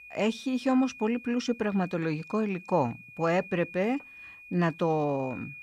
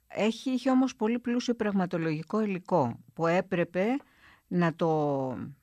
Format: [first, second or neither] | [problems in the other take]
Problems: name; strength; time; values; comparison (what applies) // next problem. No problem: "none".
second | high-pitched whine; noticeable; throughout; 2.5 kHz, 15 dB below the speech